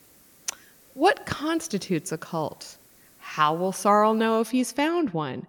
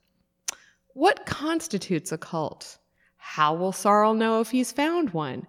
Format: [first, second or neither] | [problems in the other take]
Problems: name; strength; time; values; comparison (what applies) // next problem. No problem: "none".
second | hiss; faint; until 4.5 s; 30 dB below the speech